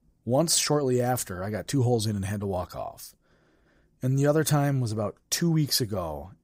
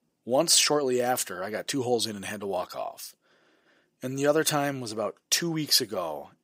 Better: first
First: none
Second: thin; somewhat; fading below 300 Hz

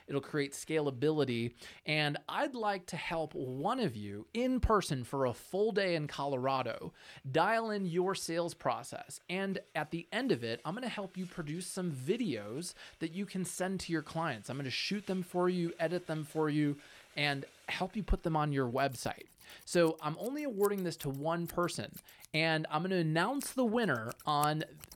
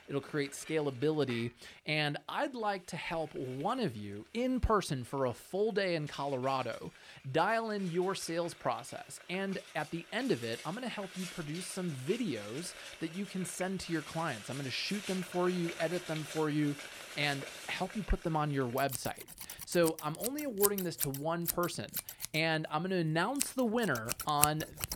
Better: first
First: household noises; faint; throughout; 20 dB below the speech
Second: household noises; loud; throughout; 6 dB below the speech

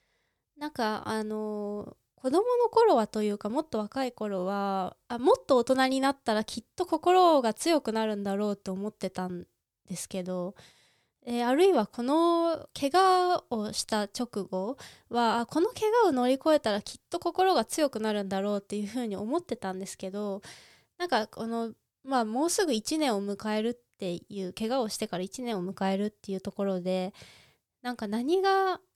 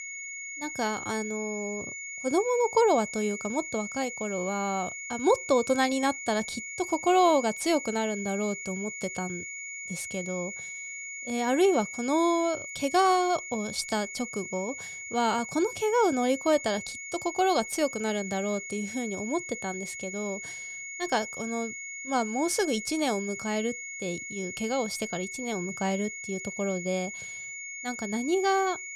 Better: first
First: none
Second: high-pitched whine; loud; throughout; 2 kHz, 8 dB below the speech

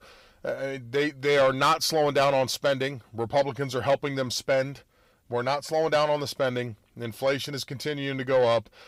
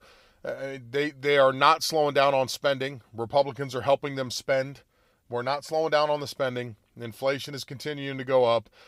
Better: second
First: distortion; slight; 10 dB below the speech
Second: none

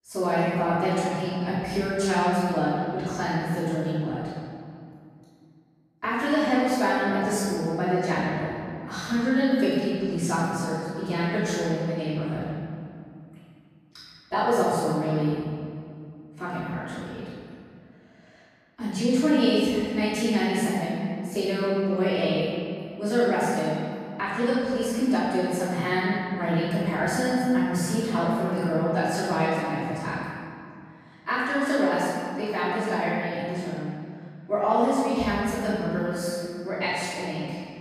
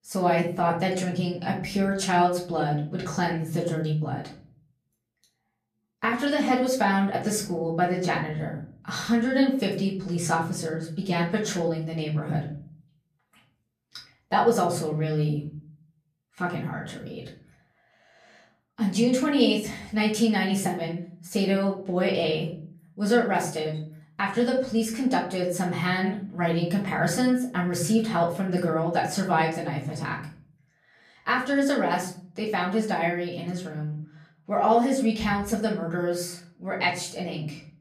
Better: second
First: room echo; strong; dies away in 2.2 s // off-mic speech; far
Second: room echo; slight; dies away in 0.5 s // off-mic speech; far

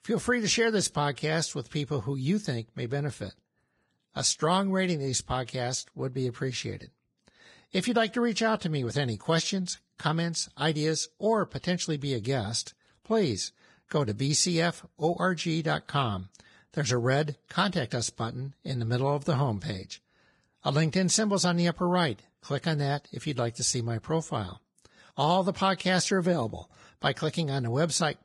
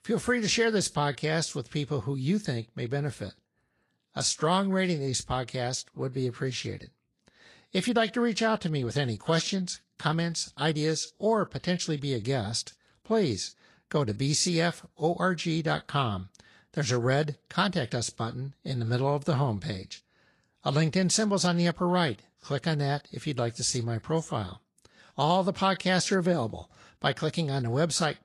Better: second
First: garbled, watery; badly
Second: garbled, watery; slightly; nothing above 10.5 kHz

